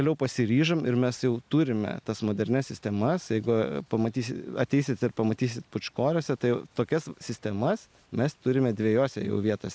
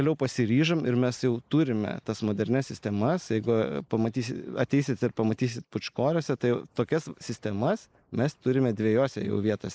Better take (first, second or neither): first